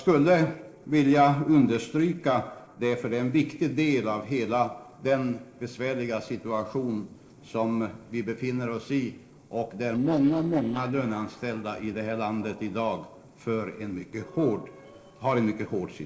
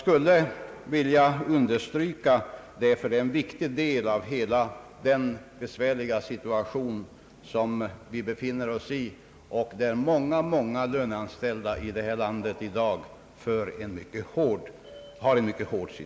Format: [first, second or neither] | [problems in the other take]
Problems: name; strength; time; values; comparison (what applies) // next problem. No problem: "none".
second | noise reduction (neural separator model SepFormer DNS4)